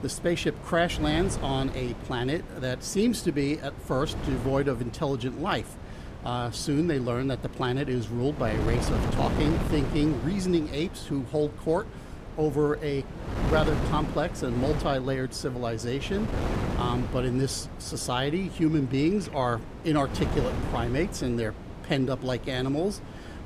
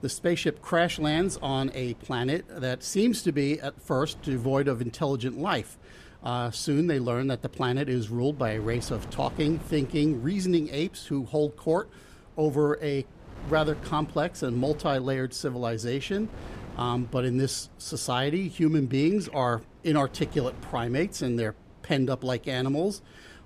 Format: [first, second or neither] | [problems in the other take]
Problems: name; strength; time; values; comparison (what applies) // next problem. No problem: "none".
second | wind noise on the microphone; heavy; 9 dB below the speech; occasional gusts in the second